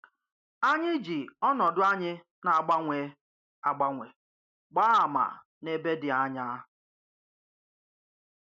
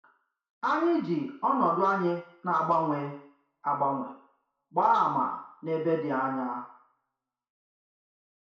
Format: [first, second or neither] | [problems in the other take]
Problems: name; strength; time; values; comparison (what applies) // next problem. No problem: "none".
first | room echo; dies away in 0.6 s